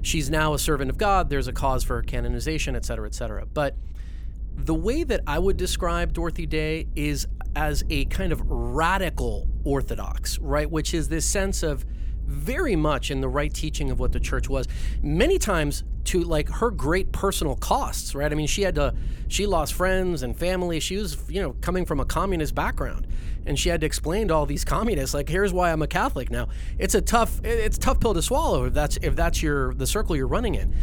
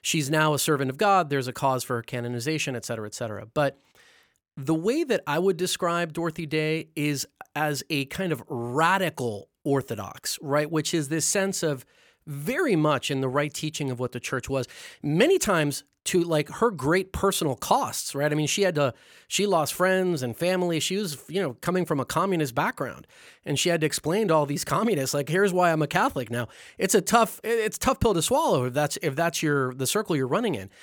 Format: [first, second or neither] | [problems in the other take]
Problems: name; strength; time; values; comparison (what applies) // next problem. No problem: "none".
second | low rumble; faint; throughout; 25 dB below the speech